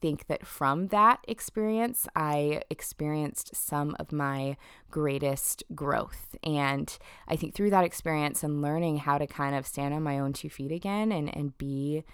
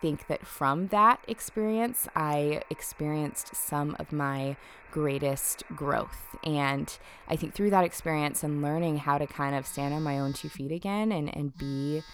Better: first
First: none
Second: alarms or sirens; faint; throughout; 20 dB below the speech

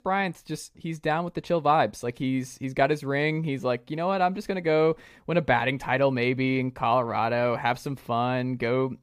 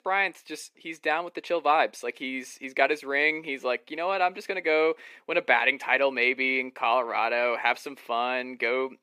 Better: first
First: none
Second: thin; somewhat; fading below 300 Hz

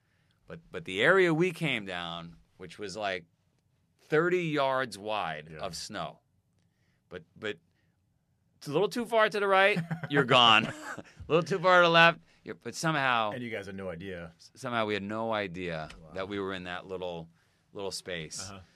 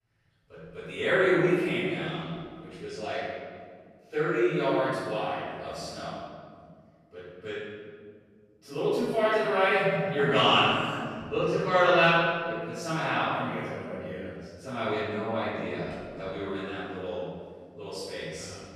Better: first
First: none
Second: room echo; strong; dies away in 1.9 s // off-mic speech; far

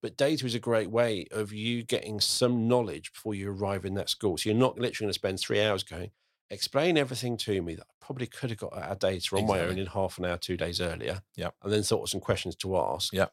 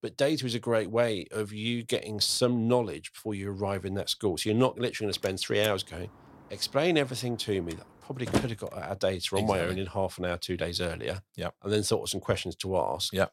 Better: first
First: none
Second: door banging; noticeable; from 5.5 to 8.5 s; peak 1 dB below the speech

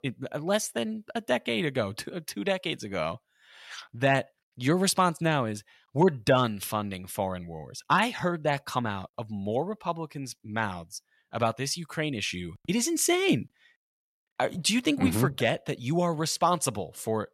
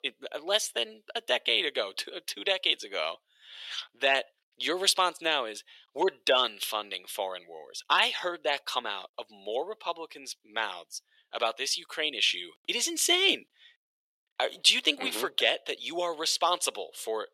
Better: first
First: none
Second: thin; very; fading below 400 Hz

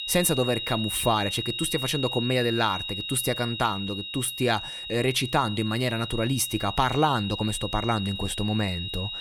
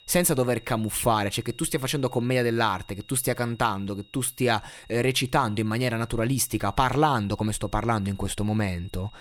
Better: second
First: high-pitched whine; loud; throughout; 4 kHz, 5 dB below the speech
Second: high-pitched whine; faint; throughout; 4 kHz, 25 dB below the speech

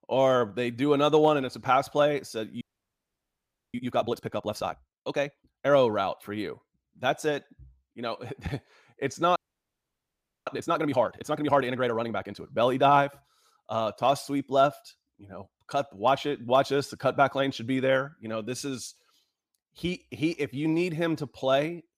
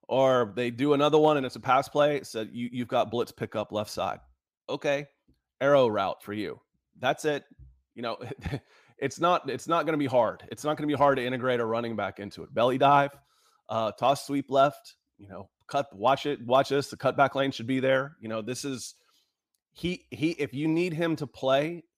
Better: second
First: audio freezing; at 2.5 s for 1 s and at 9.5 s for 1 s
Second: none

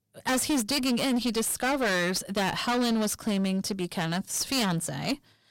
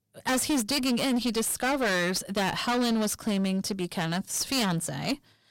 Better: neither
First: distortion; heavy; 22% of the sound clipped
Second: distortion; heavy; 22% of the sound clipped

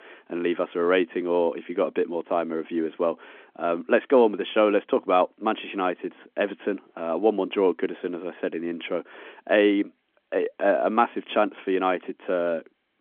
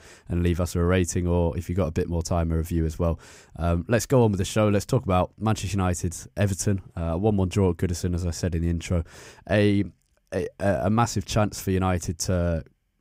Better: second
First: phone-call audio; nothing above 3.5 kHz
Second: none

